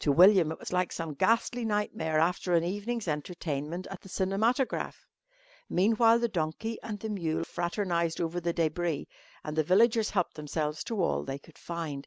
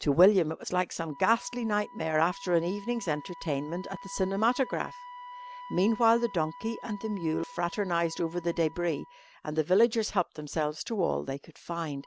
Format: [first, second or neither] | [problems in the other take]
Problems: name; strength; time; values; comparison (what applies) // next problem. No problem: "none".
first | background sound (Wind instrument, woodwind instrument); 19 dB below the speech